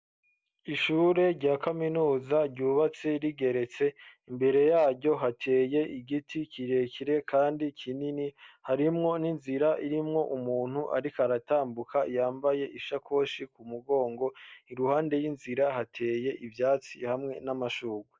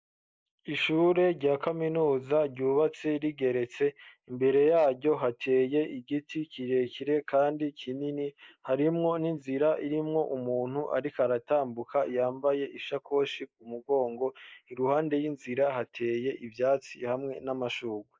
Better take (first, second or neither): first